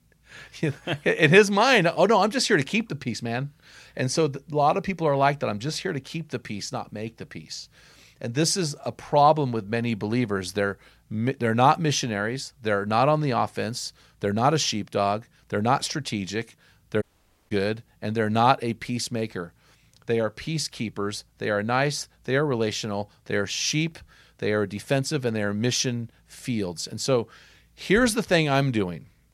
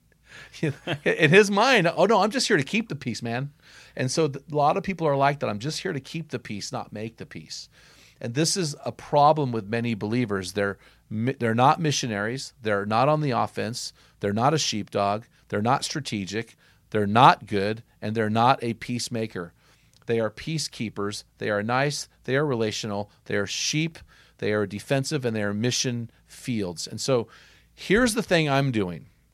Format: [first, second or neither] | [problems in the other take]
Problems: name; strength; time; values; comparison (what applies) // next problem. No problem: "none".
second | audio cutting out; at 17 s